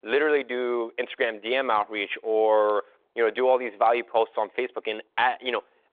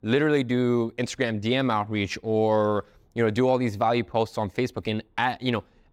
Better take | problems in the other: second | phone-call audio; nothing above 3.5 kHz

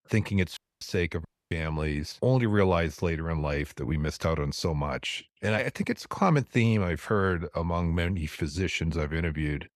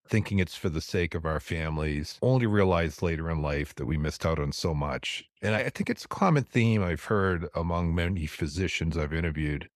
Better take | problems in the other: second | audio cutting out; at 0.5 s and at 1.5 s

